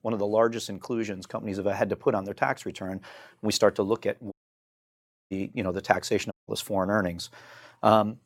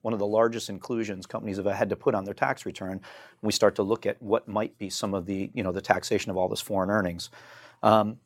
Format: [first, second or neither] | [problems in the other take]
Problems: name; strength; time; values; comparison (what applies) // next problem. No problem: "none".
second | audio cutting out; at 4.5 s for 1 s and at 6.5 s